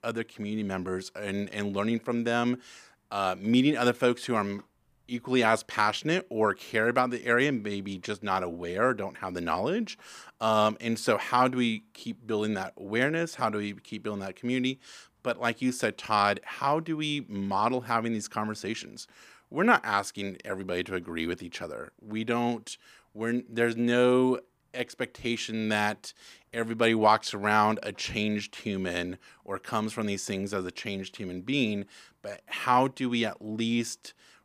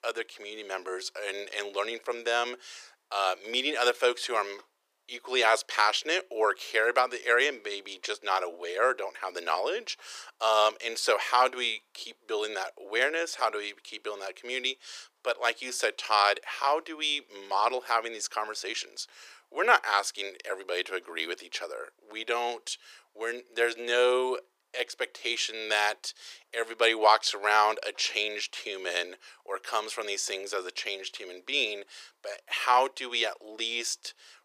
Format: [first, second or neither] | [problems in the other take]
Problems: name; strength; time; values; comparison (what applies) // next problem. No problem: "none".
first | thin; very; fading below 400 Hz